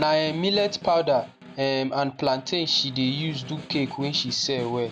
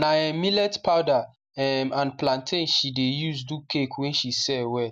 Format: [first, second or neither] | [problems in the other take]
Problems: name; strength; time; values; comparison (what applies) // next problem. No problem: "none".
second | background sound (Snare drum); 17 dB below the speech